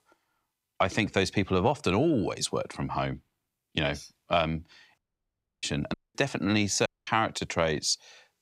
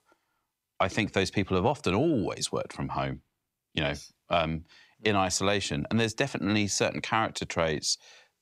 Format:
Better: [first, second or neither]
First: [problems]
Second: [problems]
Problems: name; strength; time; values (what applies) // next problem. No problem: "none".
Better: second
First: audio cutting out; at 5 s for 0.5 s, at 6 s and at 7 s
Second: none